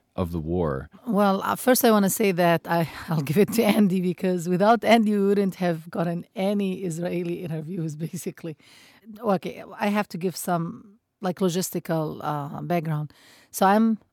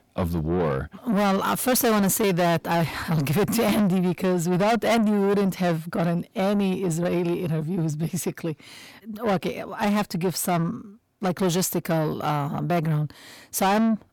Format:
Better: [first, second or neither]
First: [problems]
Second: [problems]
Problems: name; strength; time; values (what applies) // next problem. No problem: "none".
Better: first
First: none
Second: distortion; heavy; 7 dB below the speech